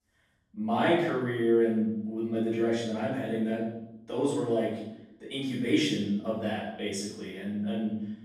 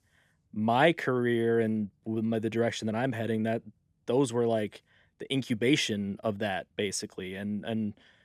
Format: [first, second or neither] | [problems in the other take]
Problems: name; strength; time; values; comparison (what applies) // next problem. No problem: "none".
second | off-mic speech; far // room echo; noticeable; dies away in 0.7 s